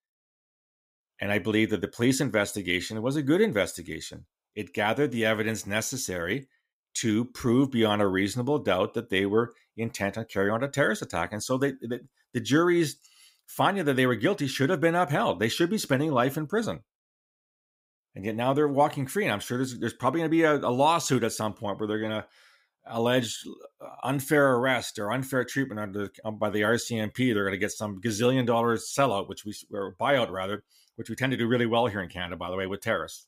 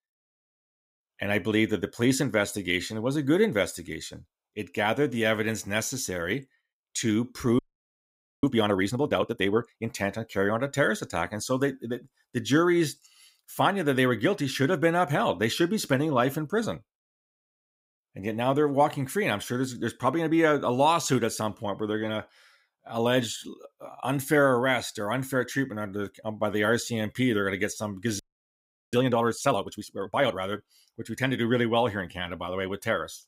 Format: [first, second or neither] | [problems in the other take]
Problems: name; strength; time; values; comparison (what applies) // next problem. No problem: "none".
first | audio freezing; at 7.5 s for 1 s and at 28 s for 0.5 s